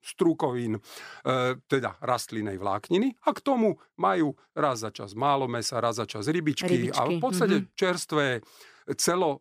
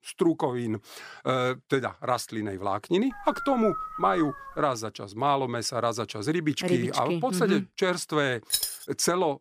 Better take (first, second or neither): first